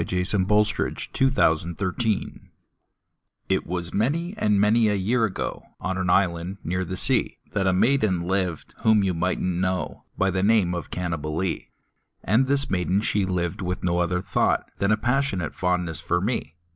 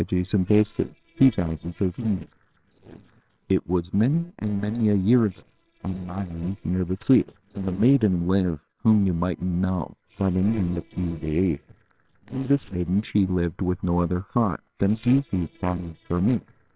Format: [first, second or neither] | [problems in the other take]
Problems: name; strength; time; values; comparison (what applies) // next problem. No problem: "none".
first | noise reduction (neural separator model SepFormer WHAMR!)